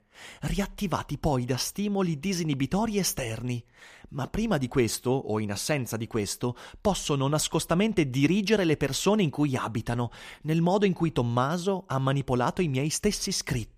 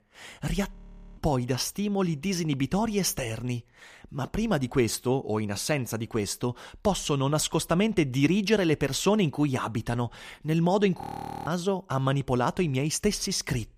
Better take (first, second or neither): first